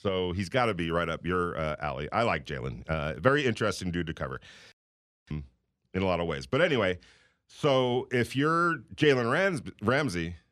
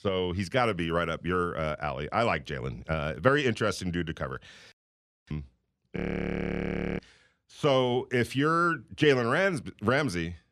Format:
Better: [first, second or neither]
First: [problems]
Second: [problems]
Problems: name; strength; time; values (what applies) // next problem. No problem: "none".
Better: first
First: none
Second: audio freezing; at 6 s for 1 s